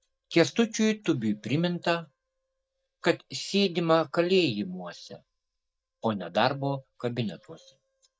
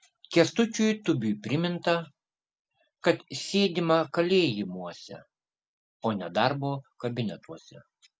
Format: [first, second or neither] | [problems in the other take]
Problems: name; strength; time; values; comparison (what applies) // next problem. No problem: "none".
second | noise reduction (neural mask model DeepFilterNet 3)